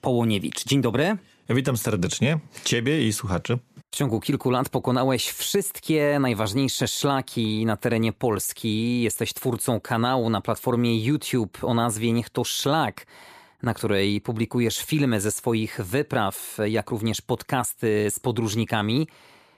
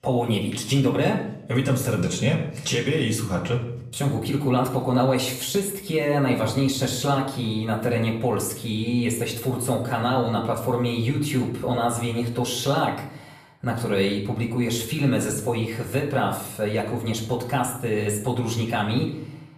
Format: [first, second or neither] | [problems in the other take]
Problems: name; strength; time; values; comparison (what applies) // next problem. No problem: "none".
first | room echo; slight; dies away in 0.6 s // off-mic speech; far